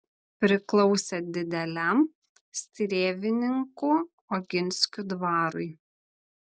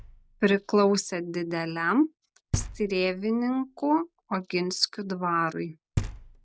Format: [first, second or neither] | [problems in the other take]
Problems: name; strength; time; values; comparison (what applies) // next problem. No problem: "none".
first | background sound (Knock); 12 dB below the speech